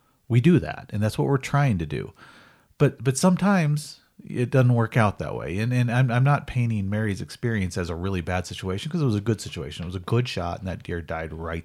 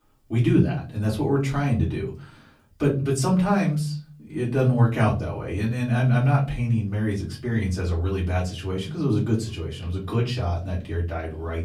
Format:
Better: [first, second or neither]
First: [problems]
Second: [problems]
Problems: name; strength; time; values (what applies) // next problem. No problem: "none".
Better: first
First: none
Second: off-mic speech; far // room echo; very slight; dies away in 0.4 s